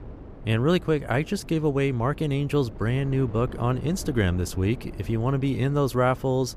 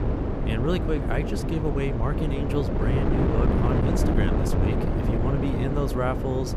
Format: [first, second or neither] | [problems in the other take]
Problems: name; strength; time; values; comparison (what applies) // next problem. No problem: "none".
first | wind noise on the microphone; heavy; 1 dB above the speech; occasional gusts in the first